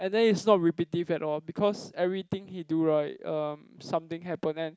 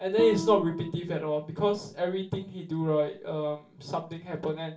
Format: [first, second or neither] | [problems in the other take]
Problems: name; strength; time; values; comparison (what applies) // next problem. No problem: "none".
first | background sound (Guitar); 6 dB below the speech // room echo; dies away in 0.3 s